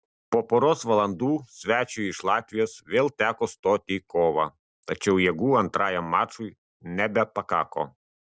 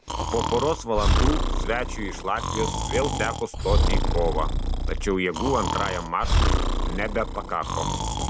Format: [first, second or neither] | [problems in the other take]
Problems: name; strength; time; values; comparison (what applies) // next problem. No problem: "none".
first | background sound (Breathing); 4 dB above the speech